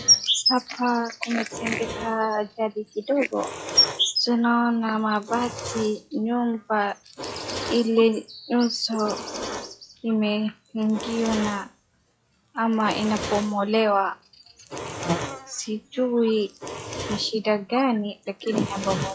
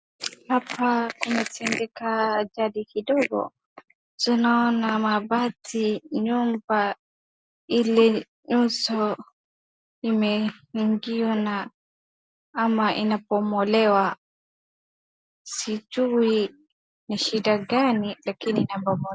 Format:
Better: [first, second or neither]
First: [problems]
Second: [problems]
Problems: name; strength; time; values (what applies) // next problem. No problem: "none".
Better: second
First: noise reduction (classical method log-MMSE)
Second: none